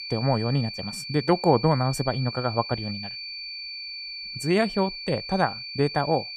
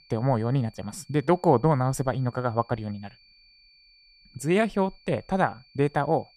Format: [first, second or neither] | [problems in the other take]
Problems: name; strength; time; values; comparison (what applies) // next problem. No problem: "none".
second | high-pitched whine; loud; throughout; 4.5 kHz, 8 dB below the speech; faint in the second